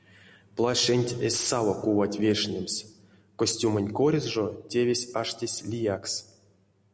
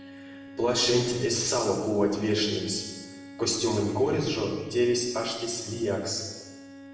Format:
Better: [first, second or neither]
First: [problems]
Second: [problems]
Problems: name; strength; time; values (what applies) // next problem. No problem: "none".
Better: first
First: none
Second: background sound (Bowed string instrument); 19 dB below the speech // room echo; dies away in 1.2 s